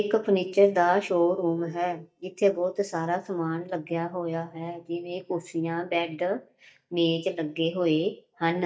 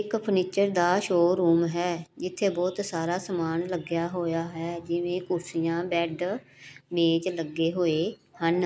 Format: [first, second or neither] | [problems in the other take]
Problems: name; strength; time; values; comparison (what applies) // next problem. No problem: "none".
second | noise reduction (neural mask model DeepFilterNet 3)